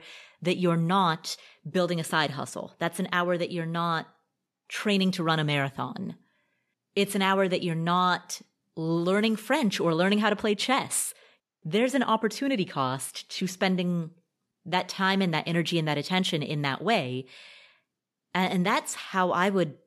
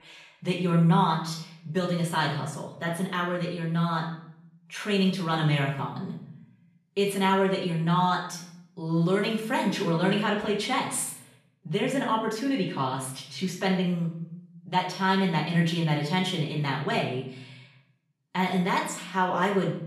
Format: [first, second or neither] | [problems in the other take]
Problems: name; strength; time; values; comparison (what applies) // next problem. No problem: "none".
first | off-mic speech; far // room echo; slight; dies away in 0.6 s